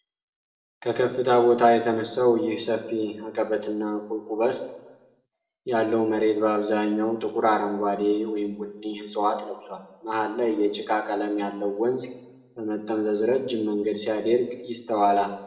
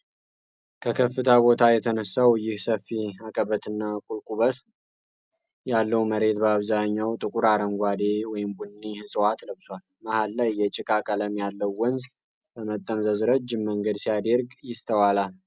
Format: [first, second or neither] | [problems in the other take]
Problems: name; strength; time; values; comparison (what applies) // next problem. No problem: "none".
second | room echo; dies away in 0.8 s